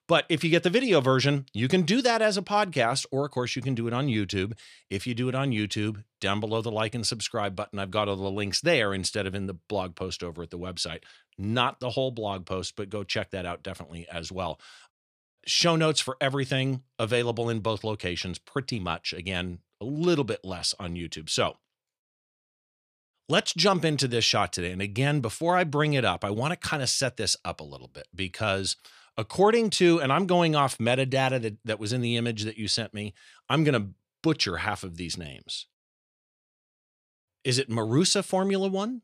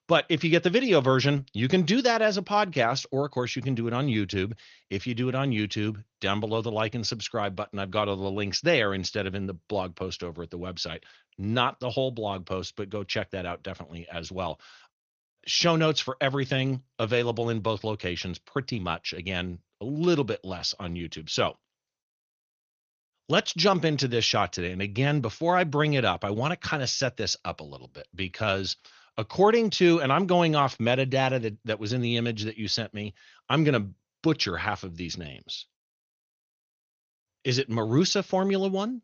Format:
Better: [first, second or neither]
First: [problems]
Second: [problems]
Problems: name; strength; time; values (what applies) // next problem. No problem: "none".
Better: first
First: none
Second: garbled, watery; slightly; nothing above 6.5 kHz